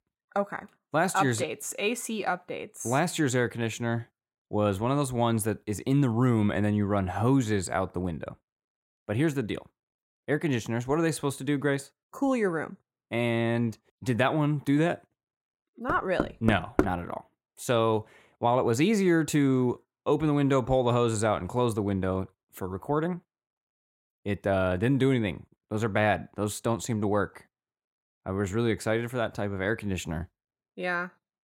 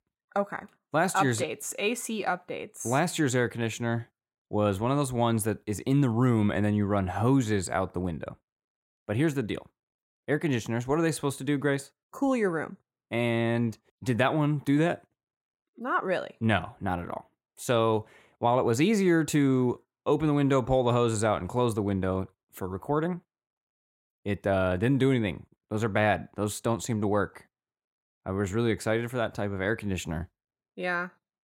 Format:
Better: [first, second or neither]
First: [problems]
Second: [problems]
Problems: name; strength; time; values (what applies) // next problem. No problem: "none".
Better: second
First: door banging; noticeable; at 16 s; peak 1 dB below the speech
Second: none